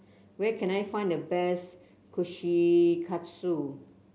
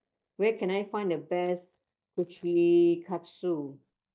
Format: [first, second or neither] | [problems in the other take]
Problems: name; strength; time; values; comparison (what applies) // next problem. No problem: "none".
first | noise reduction (neural mask model DeepFilterNet 3)